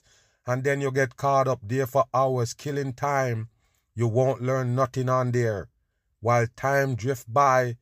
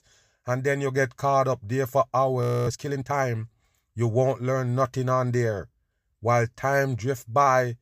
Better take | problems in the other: first | audio freezing; at 2.5 s

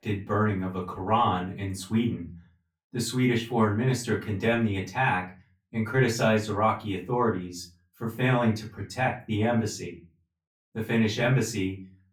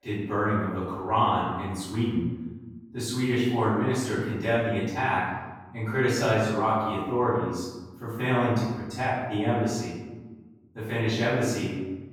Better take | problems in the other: first | room echo; strong; dies away in 1.1 s; slight in the first // off-mic speech; far; far in the first

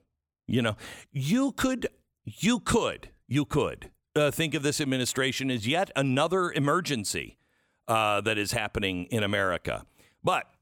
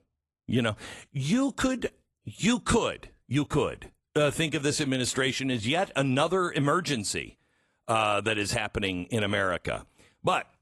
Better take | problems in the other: first | garbled, watery; slightly; nothing above 11.5 kHz

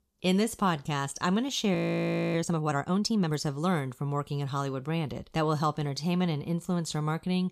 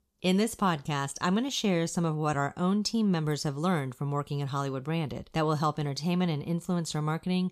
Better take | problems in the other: second | audio freezing; at 2 s for 0.5 s

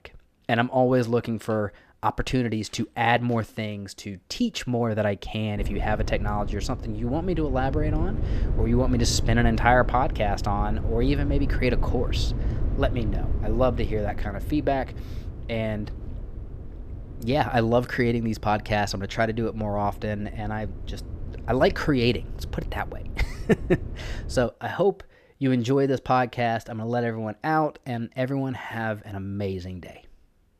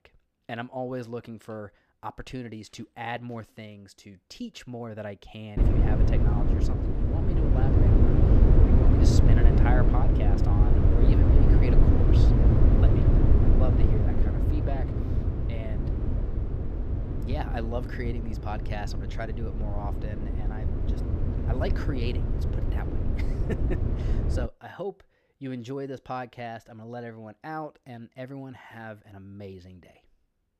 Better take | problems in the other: first | wind noise on the microphone; heavy; from 5.5 to 24 s; 3 dB above the speech; occasional gusts in the first

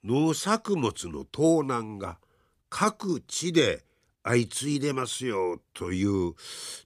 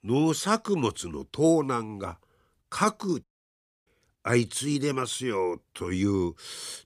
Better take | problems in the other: first | audio cutting out; at 3 s for 0.5 s

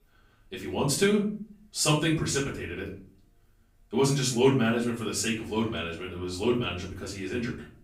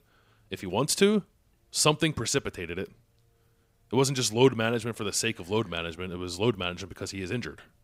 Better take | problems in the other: second | room echo; slight; dies away in 0.4 s // off-mic speech; far

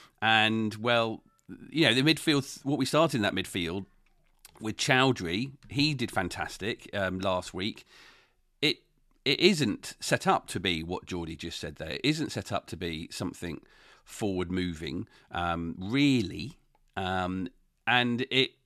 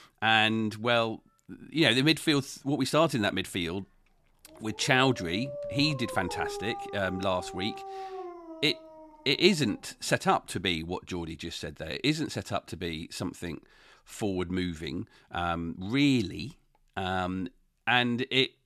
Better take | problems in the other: first | dog barking; noticeable; from 4.5 to 9.5 s; peak 8 dB below the speech

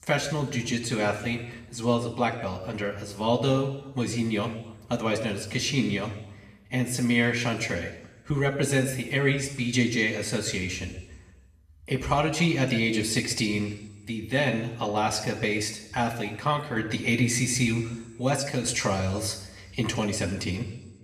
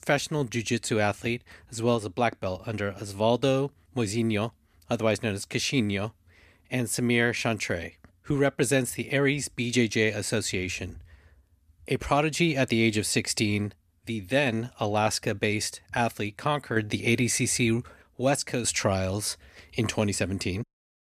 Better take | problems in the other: second | room echo; slight; dies away in 0.9 s // off-mic speech; somewhat distant

